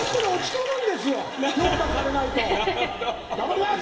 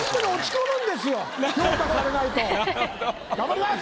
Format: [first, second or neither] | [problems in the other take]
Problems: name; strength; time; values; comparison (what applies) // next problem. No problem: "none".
second | room echo; dies away in 1.6 s